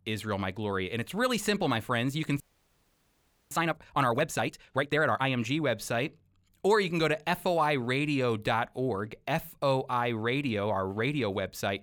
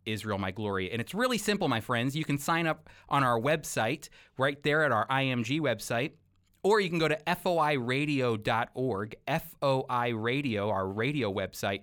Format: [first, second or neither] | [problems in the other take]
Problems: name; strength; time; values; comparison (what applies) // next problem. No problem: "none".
second | audio freezing; at 2.5 s for 1 s